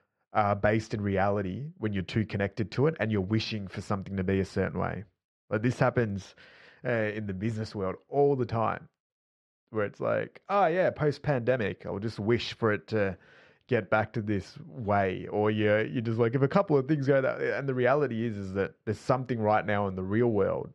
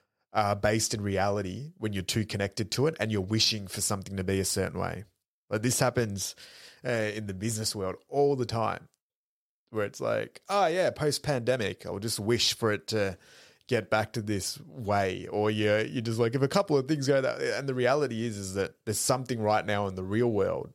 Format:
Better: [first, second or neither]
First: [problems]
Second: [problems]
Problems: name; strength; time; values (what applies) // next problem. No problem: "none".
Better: second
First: muffled; very; fading above 2 kHz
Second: none